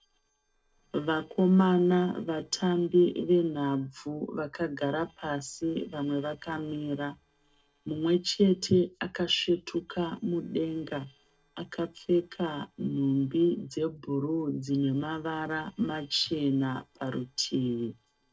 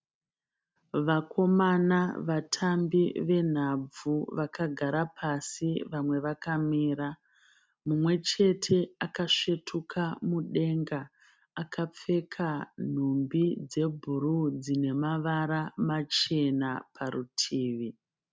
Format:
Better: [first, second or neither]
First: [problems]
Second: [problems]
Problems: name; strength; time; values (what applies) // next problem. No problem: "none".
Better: second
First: noise reduction (neural separator model SepFormer DNS4)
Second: none